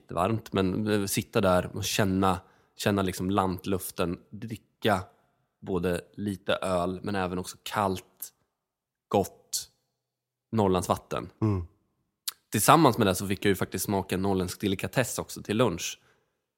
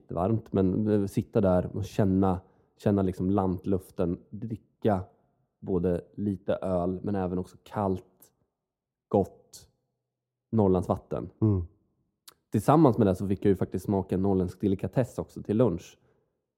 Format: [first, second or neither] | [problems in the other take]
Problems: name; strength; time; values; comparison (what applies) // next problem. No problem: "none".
first | muffled; slightly; fading above 1 kHz